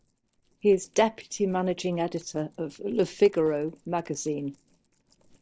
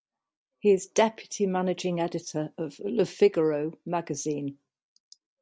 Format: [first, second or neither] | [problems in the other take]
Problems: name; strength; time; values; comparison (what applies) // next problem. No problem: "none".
second | noise reduction (neural separator model SepFormer DNS4)